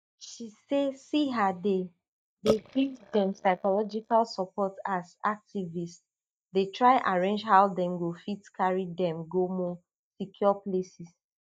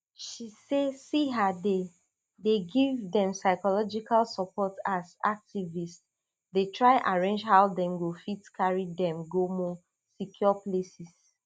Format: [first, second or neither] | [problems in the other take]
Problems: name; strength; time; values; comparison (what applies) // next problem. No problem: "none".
second | noise reduction (neural mask model DeepFilterNet 3)